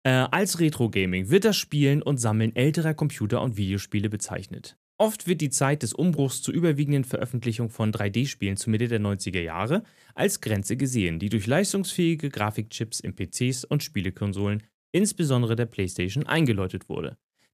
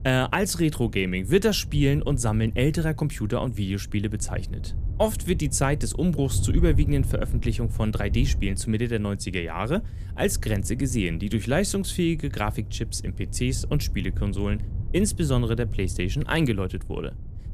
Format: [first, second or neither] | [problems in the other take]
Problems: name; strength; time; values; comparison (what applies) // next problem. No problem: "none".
first | wind noise on the microphone; occasional gusts; 20 dB below the speech